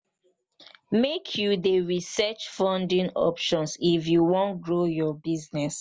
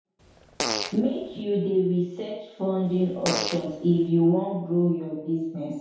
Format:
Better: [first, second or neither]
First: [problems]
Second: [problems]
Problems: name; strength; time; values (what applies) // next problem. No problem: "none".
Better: first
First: none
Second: background sound (Fart); 7 dB below the speech // room echo; dies away in 0.8 s